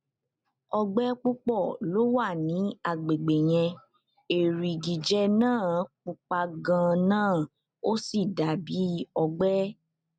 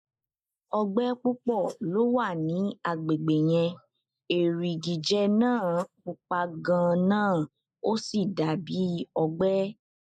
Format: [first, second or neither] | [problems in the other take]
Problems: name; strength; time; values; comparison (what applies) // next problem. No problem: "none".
first | noise reduction (neural mask model Resemble Enhance denoiser)